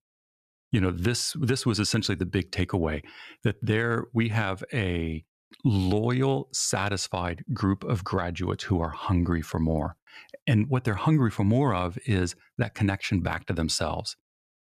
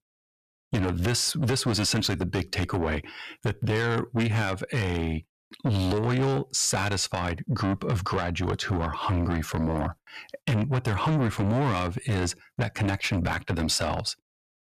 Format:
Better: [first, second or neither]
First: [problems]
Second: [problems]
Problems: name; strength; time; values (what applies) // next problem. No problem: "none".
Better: first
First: none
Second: distortion; heavy; 6 dB below the speech